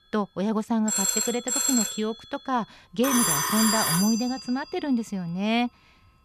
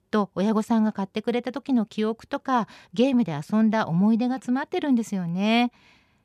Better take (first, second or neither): second